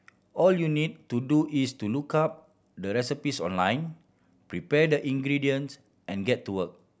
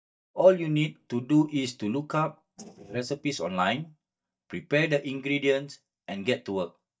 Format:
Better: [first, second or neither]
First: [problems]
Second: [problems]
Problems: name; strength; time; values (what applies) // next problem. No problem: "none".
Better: first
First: none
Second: noise reduction (neural mask model DeepFilterNet 3)